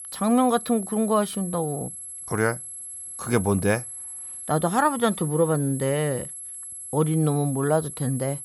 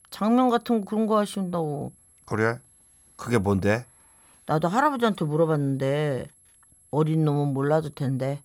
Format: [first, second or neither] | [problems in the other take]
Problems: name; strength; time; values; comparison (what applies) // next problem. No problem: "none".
second | high-pitched whine; loud; throughout; 11 kHz, 10 dB below the speech; faint in the second